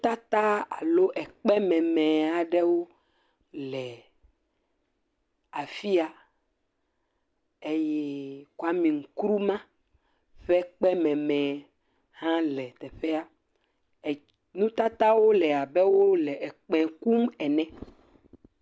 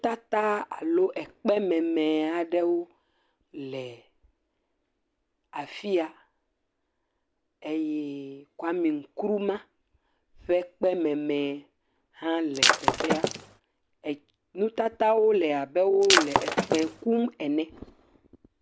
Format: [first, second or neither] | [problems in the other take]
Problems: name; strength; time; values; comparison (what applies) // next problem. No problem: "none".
first | background sound (Shatter); 3 dB above the speech